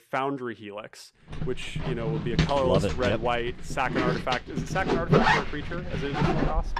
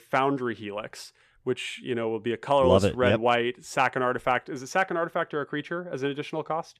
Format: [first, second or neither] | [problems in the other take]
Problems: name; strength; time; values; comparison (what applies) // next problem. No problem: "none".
second | household noises; very loud; from 1.5 s on; 2 dB above the speech